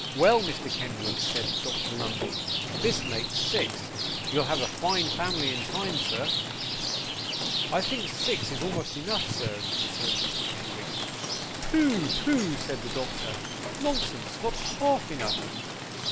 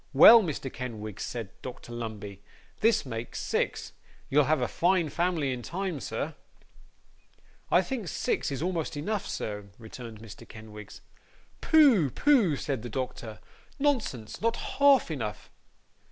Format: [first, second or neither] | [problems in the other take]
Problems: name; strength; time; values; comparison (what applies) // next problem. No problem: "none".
second | background sound (Rain); as loud as the speech